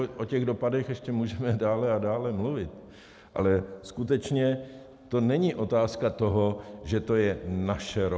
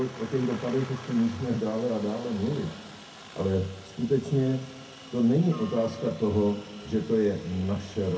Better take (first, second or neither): first